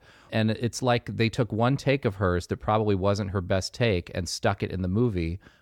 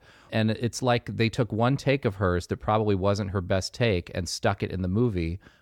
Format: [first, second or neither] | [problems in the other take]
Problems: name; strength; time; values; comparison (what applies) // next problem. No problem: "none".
neither | none